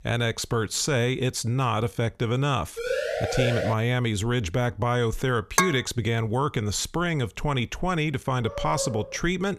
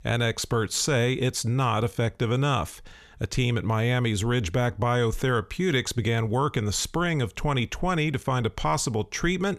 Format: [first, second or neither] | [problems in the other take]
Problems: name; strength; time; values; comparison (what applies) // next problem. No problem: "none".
second | siren; noticeable; at 3 s; peak 1 dB below the speech // clattering dishes; loud; at 5.5 s; peak 2 dB above the speech // dog barking; noticeable; at 8.5 s; peak 7 dB below the speech